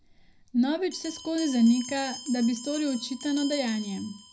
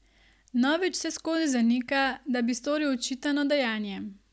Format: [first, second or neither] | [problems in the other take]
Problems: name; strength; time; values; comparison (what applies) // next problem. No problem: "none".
second | background sound (Bell); 14 dB below the speech // room echo; dies away in 0.4 s